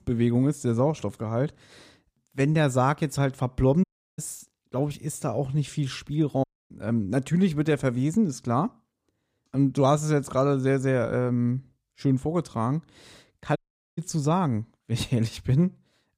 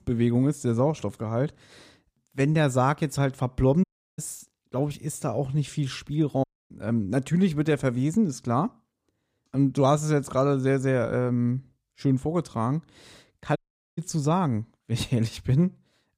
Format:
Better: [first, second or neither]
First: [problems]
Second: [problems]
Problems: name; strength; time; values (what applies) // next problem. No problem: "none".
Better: neither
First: audio cutting out; at 4 s, at 6.5 s and at 14 s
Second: audio cutting out; at 4 s, at 6.5 s and at 14 s